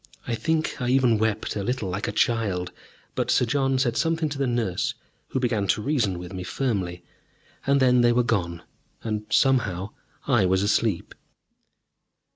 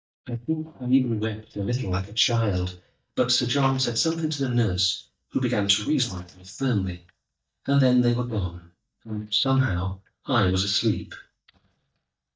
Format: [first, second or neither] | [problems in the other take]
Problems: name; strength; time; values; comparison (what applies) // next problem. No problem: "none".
first | noise reduction (neural mask model DeepFilterNet 3)